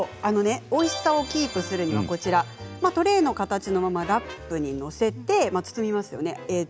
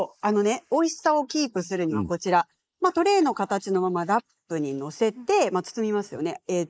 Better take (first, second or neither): first